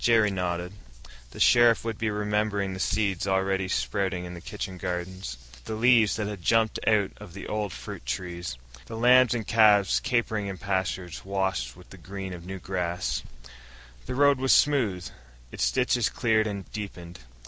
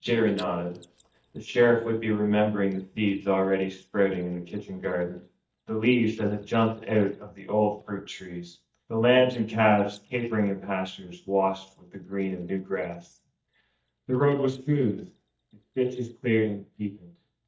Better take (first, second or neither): first